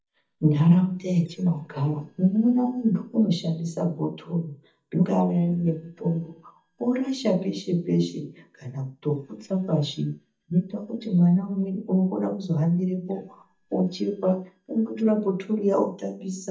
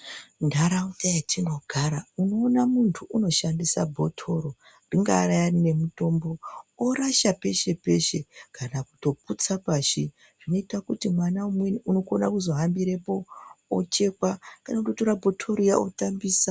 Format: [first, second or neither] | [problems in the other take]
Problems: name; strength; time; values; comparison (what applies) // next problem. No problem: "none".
second | noise reduction (neural mask model DeepFilterNet 3)